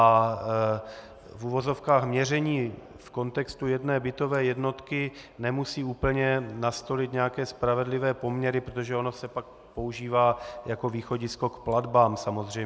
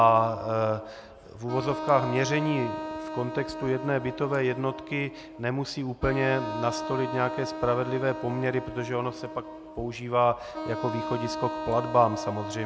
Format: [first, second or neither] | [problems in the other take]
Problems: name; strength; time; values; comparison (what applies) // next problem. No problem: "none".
first | background sound (Wind instrument, woodwind instrument); 8 dB below the speech